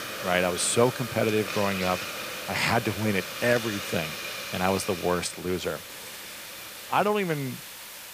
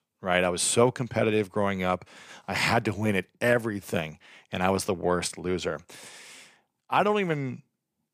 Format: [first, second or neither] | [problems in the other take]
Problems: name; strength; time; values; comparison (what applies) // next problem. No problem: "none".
second | hiss; loud; throughout; 8 dB below the speech